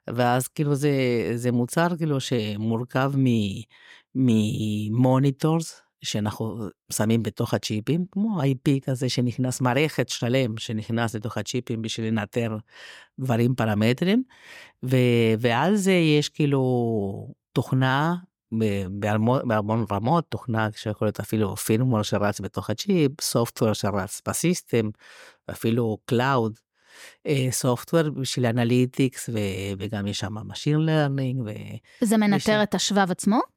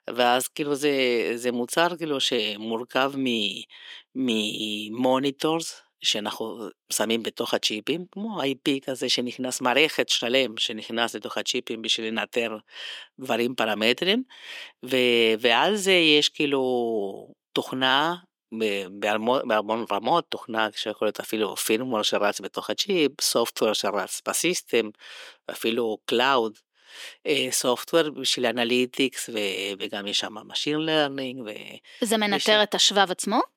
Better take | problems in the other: first | thin; somewhat; fading below 300 Hz

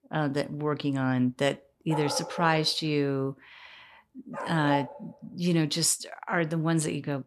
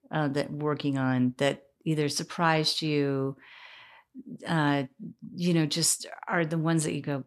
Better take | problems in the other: second | dog barking; noticeable; from 2 to 5 s; peak 6 dB below the speech

